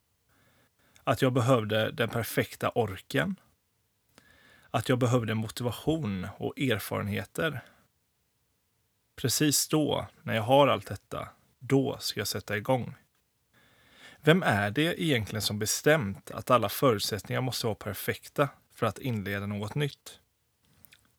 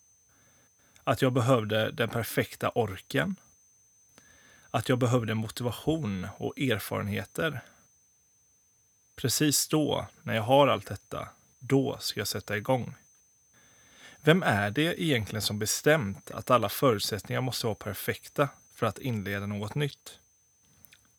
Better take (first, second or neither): first